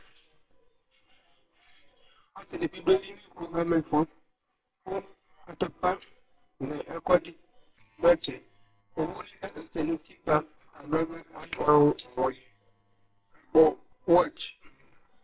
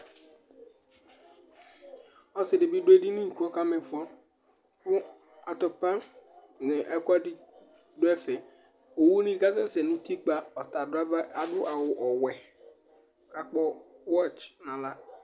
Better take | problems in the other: second | noise reduction (neural separator model SepFormer WHAMR!)

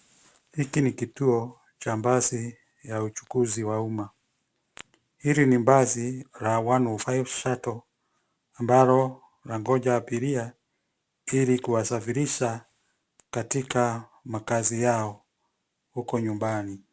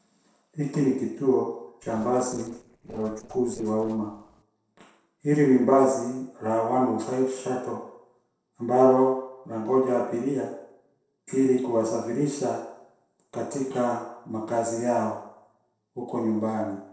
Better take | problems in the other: first | noise reduction (neural separator model SepFormer DNS4)

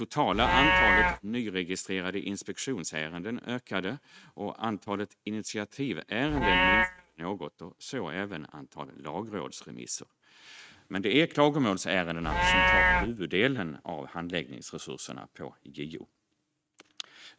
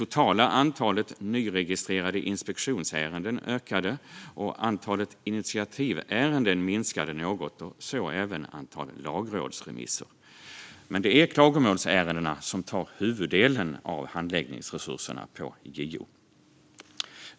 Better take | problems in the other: second | noise reduction (neural mask model RNNoise)

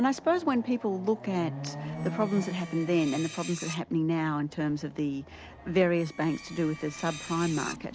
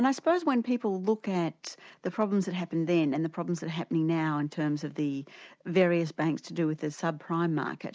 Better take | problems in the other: second | background sound (Screech + Chatter / Car passing by / Motorcycle / Traffic noise, roadway noise / Accelerating, revving, vroom); 12 dB below the speech

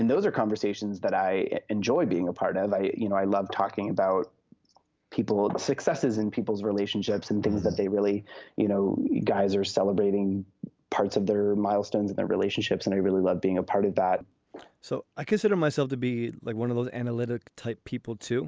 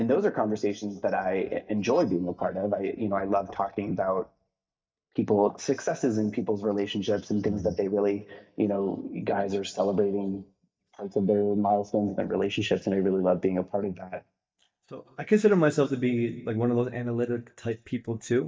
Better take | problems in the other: first | noise reduction (neural mask model DeepFilterNet 3)

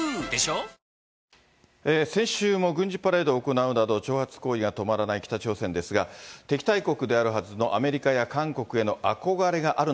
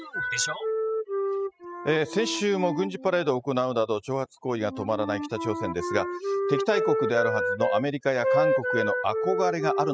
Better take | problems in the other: first | noise reduction (classical method spectral subtraction)

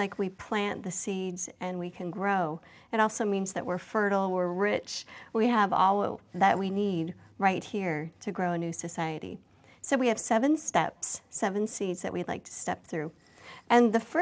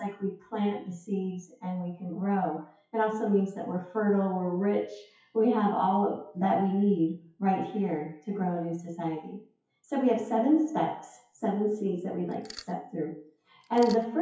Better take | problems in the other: first | noise reduction (classical method WPE with log-MMSE)

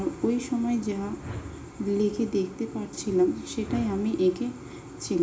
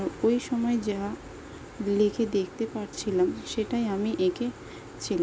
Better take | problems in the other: second | background sound (Whoosh, swoosh, swish); 17 dB below the speech // room echo; dies away in 0.4 s

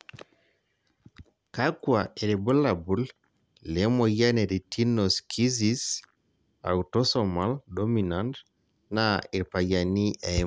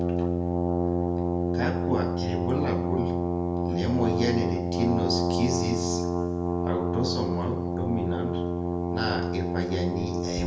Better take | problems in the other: first | background sound (Brass instrument); 4 dB above the speech // room echo; dies away in 0.6 s

